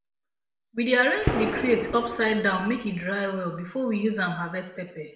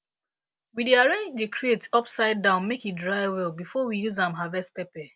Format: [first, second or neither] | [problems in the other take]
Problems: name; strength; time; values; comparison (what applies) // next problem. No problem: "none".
second | background sound (Gunshot, gunfire); 4 dB below the speech // room echo; dies away in 0.7 s